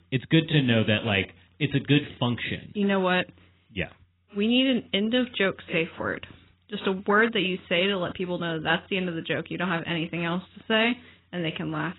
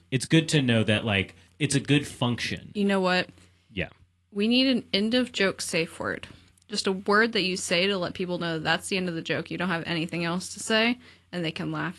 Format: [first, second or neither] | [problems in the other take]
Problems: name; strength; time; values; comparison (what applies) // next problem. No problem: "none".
second | garbled, watery; badly; nothing above 4 kHz; slightly in the second